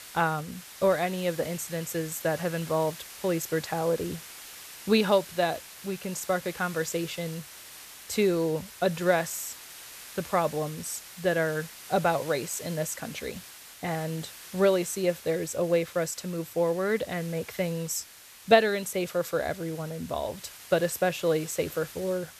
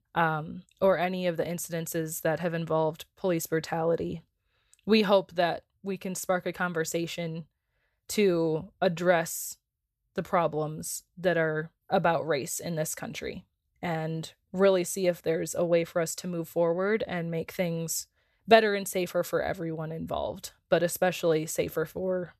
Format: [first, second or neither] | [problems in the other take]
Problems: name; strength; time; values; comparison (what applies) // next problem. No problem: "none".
second | hiss; noticeable; throughout; 15 dB below the speech